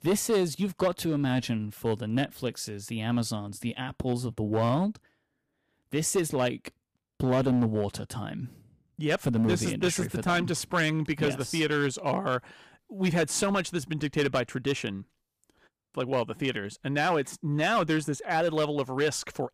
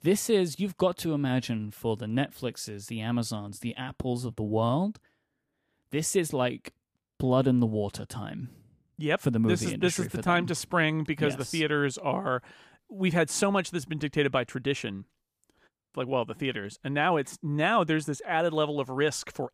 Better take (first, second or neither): second